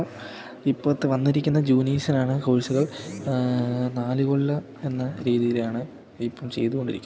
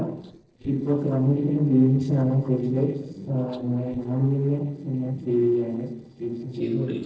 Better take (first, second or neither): first